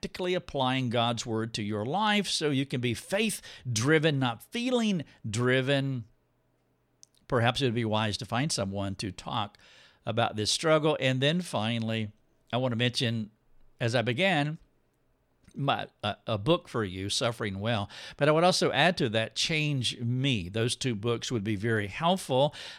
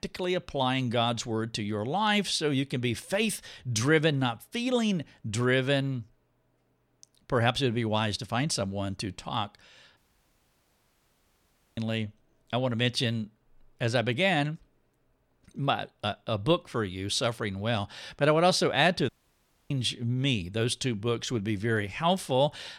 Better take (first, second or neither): first